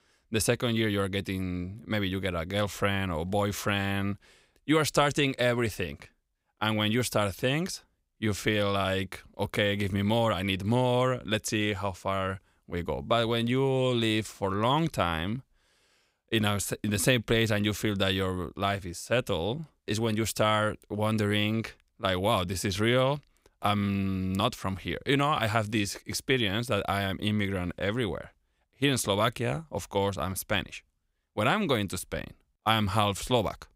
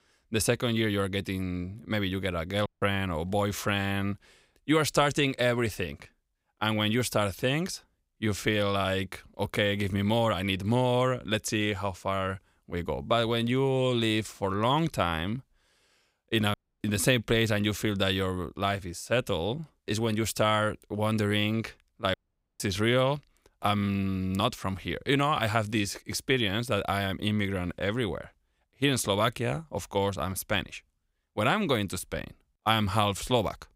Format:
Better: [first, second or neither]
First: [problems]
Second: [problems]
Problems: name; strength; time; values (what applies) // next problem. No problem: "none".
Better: first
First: none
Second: audio cutting out; at 2.5 s, at 17 s and at 22 s